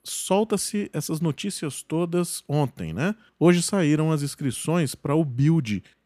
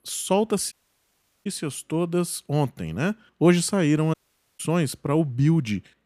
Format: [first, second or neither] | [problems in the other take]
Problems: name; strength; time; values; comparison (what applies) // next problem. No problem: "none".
first | audio cutting out; at 0.5 s for 0.5 s and at 4 s